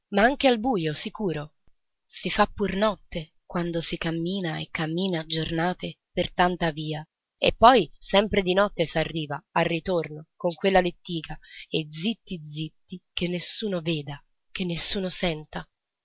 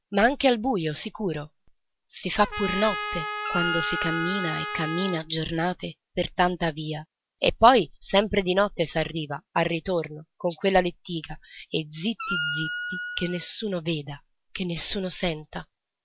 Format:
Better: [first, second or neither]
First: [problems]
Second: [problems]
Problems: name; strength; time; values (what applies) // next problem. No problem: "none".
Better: first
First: none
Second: background sound (Wind instrument, woodwind instrument + Trumpet); 4 dB below the speech